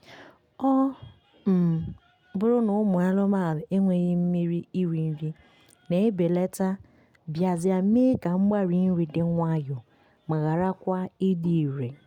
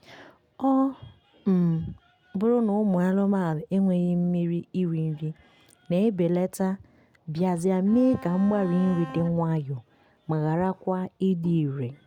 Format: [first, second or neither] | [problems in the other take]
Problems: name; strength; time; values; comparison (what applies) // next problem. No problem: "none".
first | background sound (Bowed string instrument); 16 dB below the speech